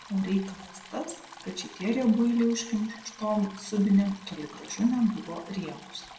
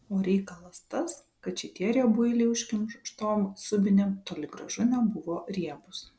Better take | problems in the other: second | background sound (Stream); 19 dB below the speech // room echo; dies away in 0.6 s

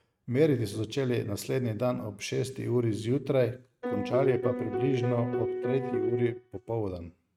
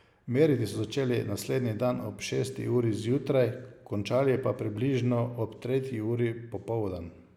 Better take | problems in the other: second | noise reduction (neural mask model RNNoise)

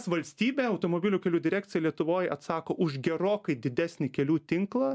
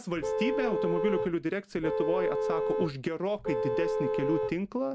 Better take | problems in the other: first | background sound (Vehicle horn, car horn, honking); 1 dB above the speech

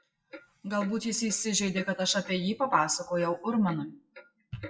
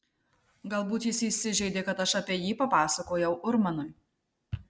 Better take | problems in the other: second | noise reduction (classical method WPE with log-MMSE)

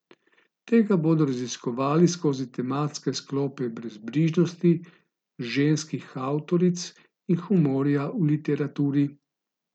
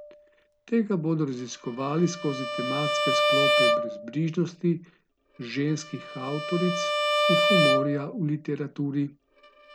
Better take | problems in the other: first | background sound (Bowed string instrument); 1 dB above the speech

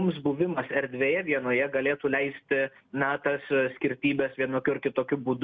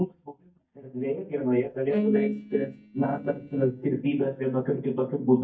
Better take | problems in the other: first | noise reduction (neural mask model DeepFilterNet 3)

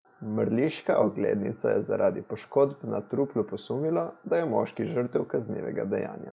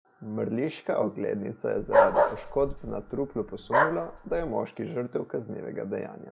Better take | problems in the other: first | background sound (Bark); 4 dB above the speech

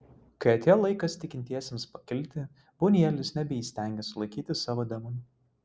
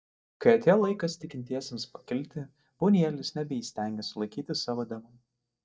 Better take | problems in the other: first | noise reduction (neural mask model DeepFilterNet 3)

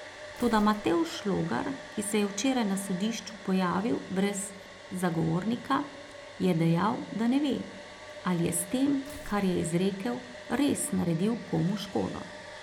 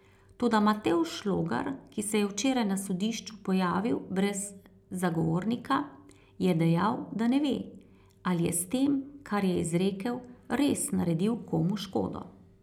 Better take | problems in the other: second | background sound (Domestic sounds, home sounds + Tearing); 15 dB below the speech

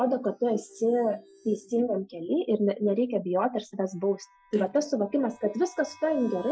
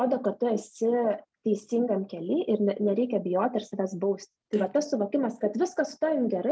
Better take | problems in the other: second | noise reduction (classical method Wiener filter)

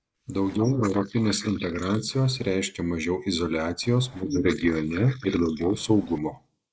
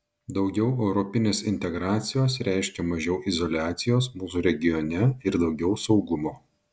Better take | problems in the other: second | noise reduction (neural mask model Resemble Enhance denoiser)

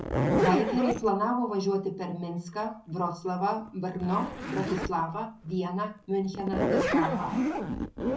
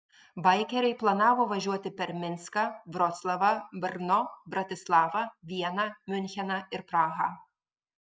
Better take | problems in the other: second | background sound (Zipper (clothing)); 1 dB below the speech // room echo; dies away in 0.4 s

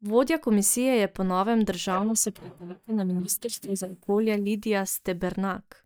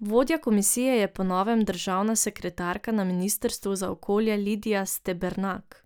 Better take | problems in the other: second | noise reduction (neural mask model DeepFilterNet 3)

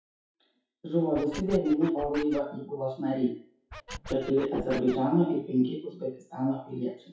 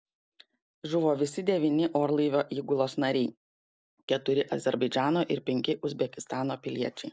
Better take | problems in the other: second | noise reduction (classical method WPE with log-MMSE)

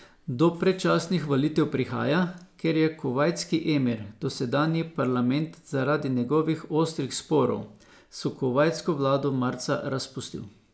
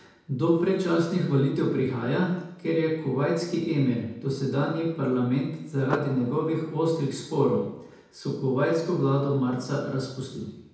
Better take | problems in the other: first | background sound (Car); 16 dB below the speech // room echo; dies away in 0.8 s

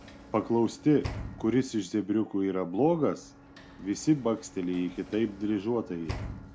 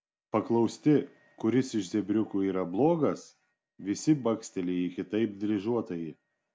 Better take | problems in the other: second | background sound (Sliding door / Slam); 15 dB below the speech

